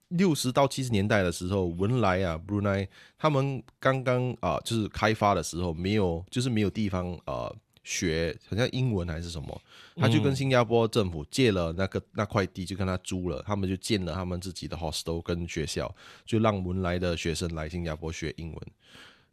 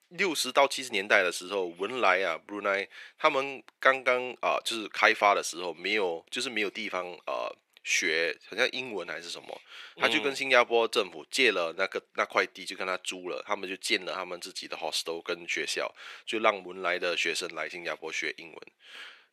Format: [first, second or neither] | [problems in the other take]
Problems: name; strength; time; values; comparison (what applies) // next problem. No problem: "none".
first | thin; very; fading below 400 Hz